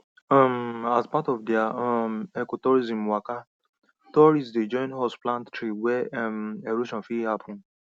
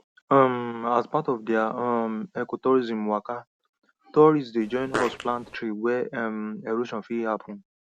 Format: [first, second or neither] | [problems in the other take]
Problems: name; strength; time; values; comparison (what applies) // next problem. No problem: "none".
first | background sound (Fart); 7 dB below the speech